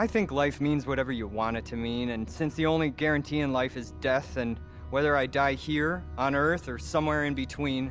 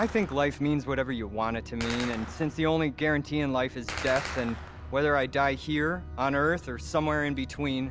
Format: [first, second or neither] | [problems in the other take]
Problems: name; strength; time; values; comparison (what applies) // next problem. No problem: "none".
first | background sound (Gunshot, gunfire); 15 dB below the speech